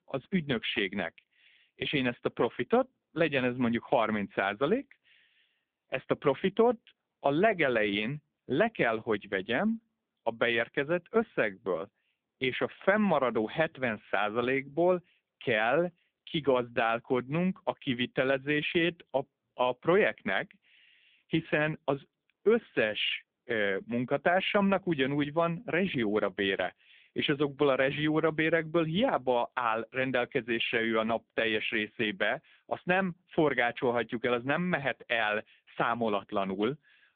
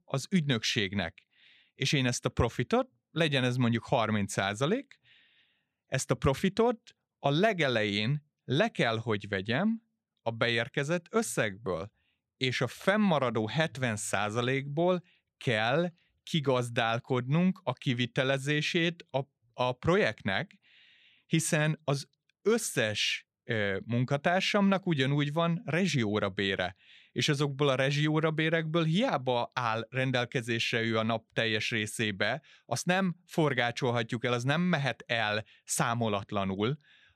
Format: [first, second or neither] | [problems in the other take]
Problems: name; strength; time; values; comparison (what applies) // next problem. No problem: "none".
second | phone-call audio; poor line; nothing above 3.5 kHz